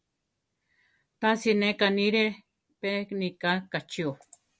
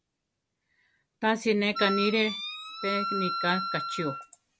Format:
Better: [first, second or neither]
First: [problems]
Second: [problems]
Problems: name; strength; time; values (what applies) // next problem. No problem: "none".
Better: first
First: none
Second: background sound (Wind instrument, woodwind instrument); 3 dB below the speech